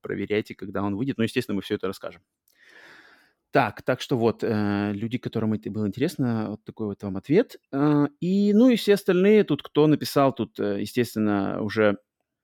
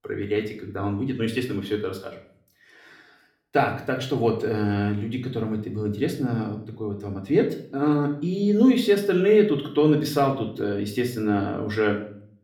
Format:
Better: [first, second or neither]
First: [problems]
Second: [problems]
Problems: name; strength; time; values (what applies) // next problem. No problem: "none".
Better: first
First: none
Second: room echo; slight; dies away in 0.5 s // off-mic speech; somewhat distant